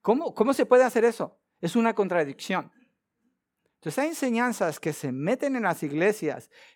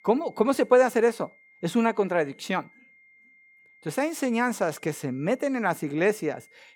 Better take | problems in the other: first | high-pitched whine; faint; throughout; 2 kHz, 30 dB below the speech

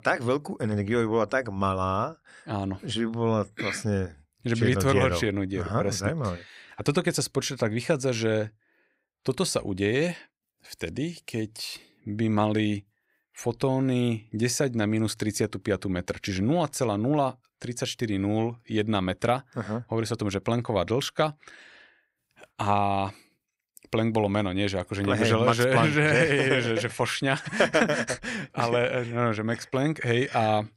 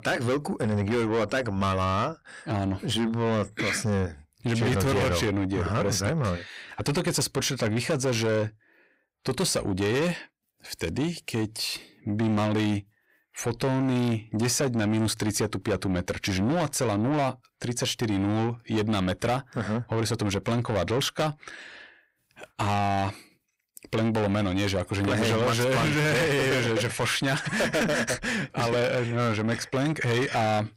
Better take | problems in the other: first | distortion; heavy; 7 dB below the speech

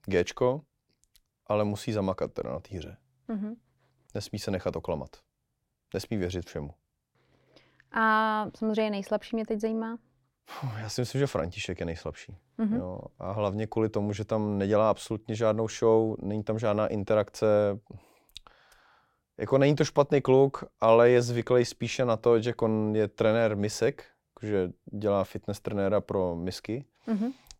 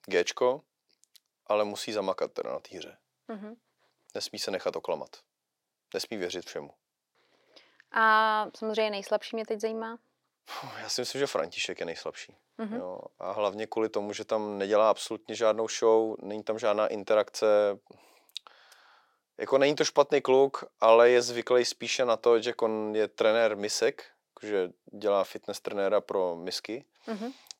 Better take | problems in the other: first | thin; somewhat; fading below 400 Hz

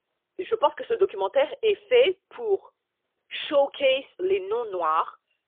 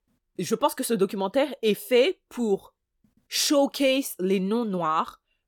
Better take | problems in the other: second | phone-call audio; poor line; nothing above 3.5 kHz

